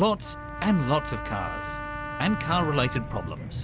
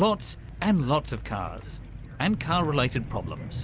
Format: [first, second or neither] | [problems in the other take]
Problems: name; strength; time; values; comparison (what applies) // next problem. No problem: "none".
second | background sound (Trumpet); 9 dB below the speech